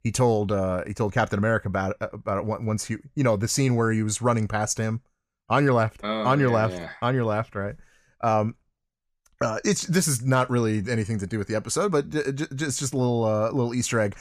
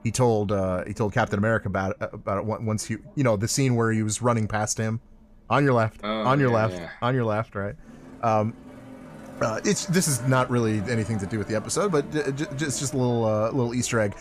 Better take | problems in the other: first | traffic noise; noticeable; throughout; 20 dB below the speech

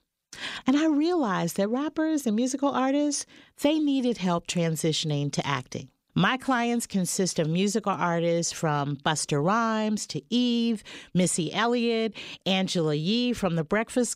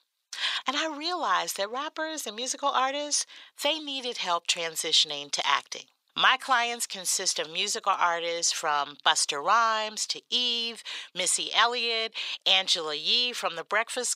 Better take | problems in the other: first | thin; very; fading below 900 Hz

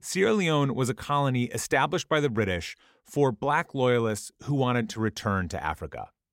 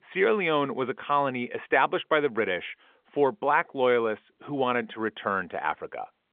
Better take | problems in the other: first | phone-call audio; nothing above 3.5 kHz

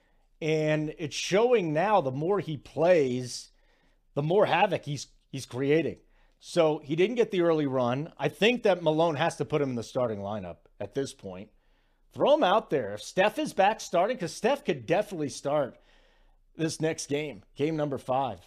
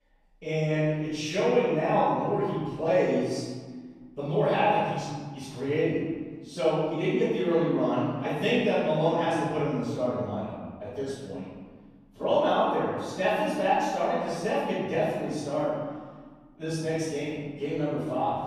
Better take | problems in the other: first | off-mic speech; far // room echo; strong; dies away in 1.5 s

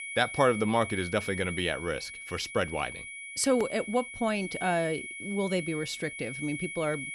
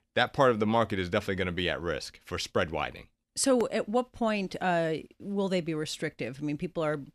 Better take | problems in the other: second | high-pitched whine; loud; throughout; 2 kHz, 8 dB below the speech

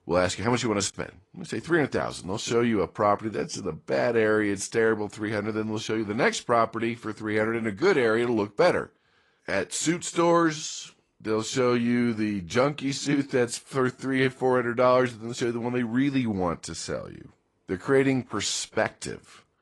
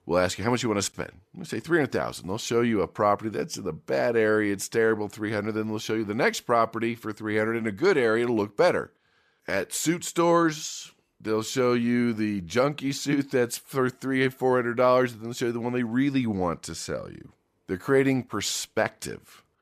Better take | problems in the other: second | garbled, watery; slightly; nothing above 10 kHz

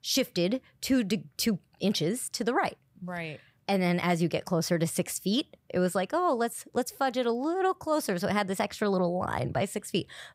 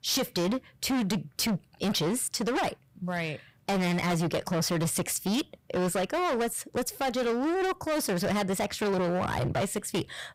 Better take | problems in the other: first | distortion; heavy; 24% of the sound clipped

